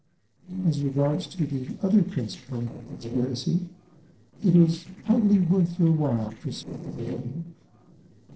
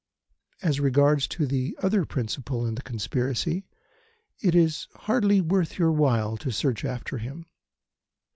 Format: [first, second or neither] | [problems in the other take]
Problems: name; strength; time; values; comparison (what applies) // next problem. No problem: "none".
second | noise reduction (neural separator model SepFormer DNS4)